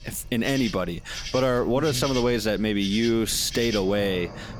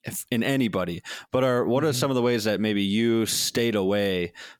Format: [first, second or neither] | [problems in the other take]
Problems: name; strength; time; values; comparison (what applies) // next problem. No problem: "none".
second | animal sounds; noticeable; throughout; 10 dB below the speech